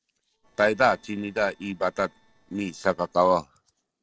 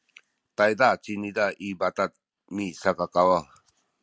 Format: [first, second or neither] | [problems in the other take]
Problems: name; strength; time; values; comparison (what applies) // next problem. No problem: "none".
second | noise reduction (neural separator model SepFormer DNS4)